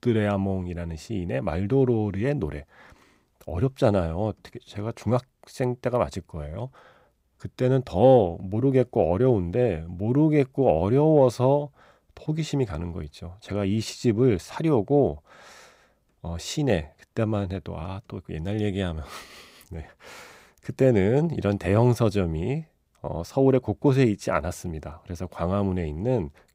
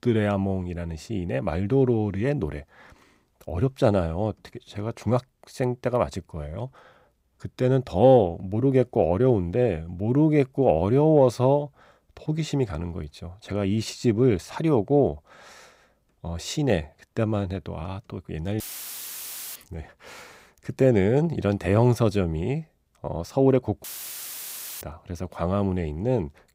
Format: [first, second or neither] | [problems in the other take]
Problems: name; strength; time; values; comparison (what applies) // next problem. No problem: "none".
first | audio cutting out; filled with static; at 19 s for 1 s and at 24 s for 1 s